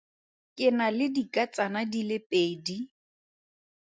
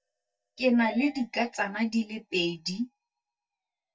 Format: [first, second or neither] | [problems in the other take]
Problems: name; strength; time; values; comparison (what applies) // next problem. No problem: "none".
first | noise reduction (neural mask model DeepFilterNet 3)